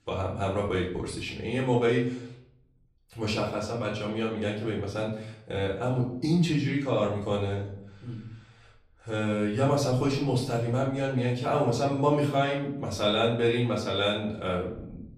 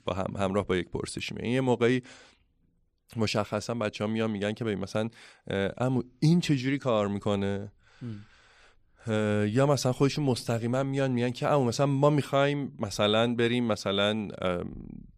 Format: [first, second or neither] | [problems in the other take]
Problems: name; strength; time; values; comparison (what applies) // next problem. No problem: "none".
second | off-mic speech; far // room echo; slight; dies away in 0.6 s